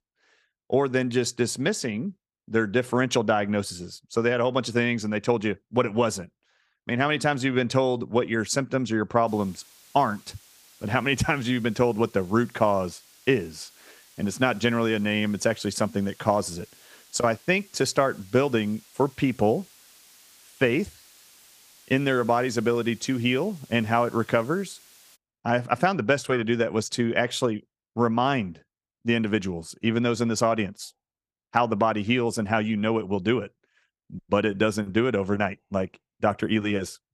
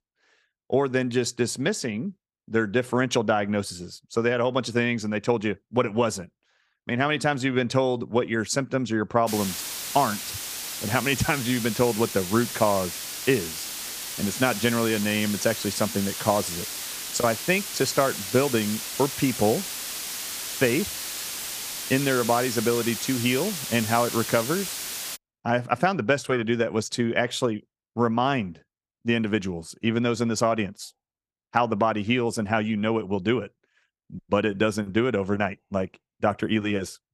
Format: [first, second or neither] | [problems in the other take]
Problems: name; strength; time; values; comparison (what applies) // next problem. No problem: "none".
first | hiss; loud; from 9.5 to 25 s; 6 dB below the speech; faint in the first